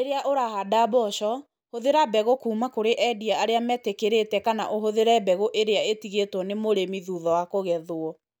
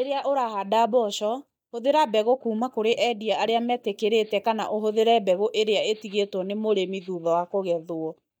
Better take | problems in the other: first | noise reduction (neural mask model DeepFilterNet 3)

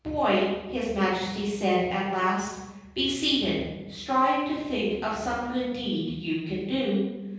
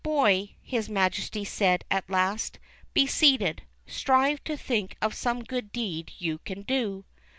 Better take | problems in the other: second | room echo; dies away in 1.3 s

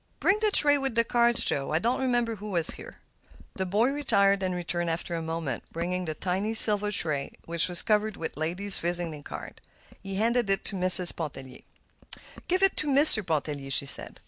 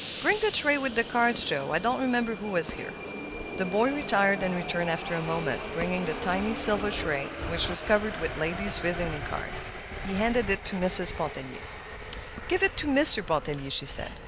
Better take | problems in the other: first | background sound (Subway, metro, underground); 7 dB below the speech

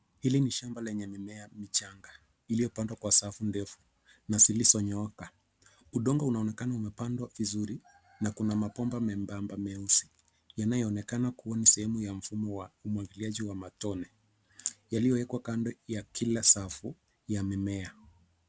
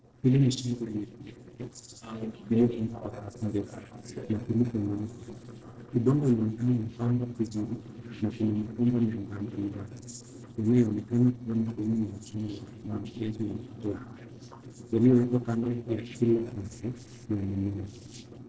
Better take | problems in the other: first | noise reduction (neural separator model SepFormer DNS4)

